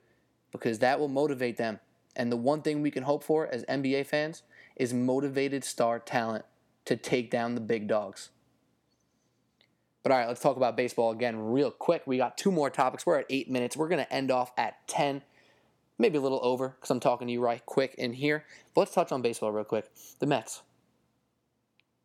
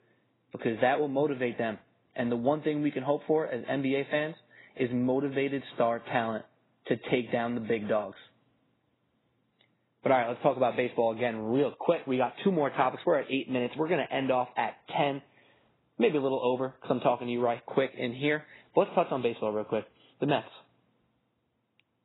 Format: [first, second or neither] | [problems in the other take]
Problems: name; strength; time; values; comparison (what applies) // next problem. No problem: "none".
first | garbled, watery; badly; nothing above 4 kHz